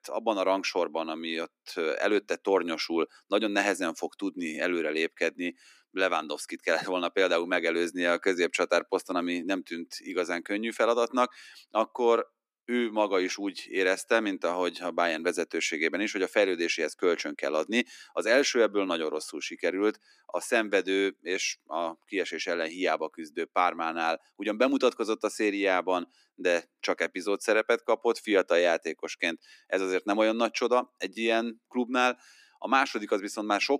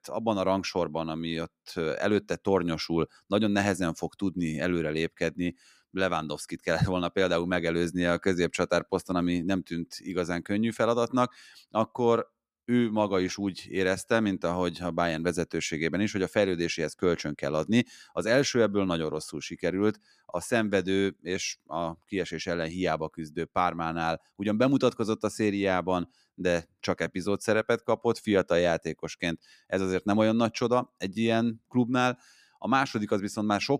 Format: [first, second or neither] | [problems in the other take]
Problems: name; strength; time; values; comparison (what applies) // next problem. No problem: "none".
second | thin; very slightly; fading below 300 Hz